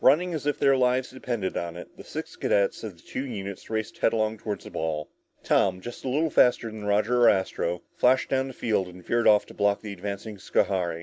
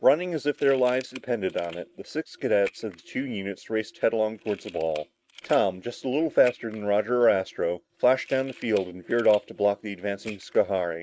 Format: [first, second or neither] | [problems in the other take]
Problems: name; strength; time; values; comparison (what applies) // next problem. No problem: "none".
first | noise reduction (neural mask model RNNoise)